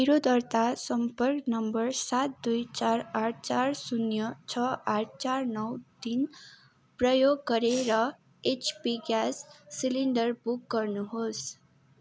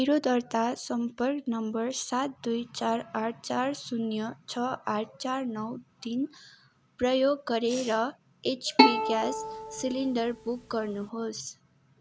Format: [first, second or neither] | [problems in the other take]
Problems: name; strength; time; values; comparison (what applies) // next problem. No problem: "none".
first | background sound (Bowed string instrument); 2 dB above the speech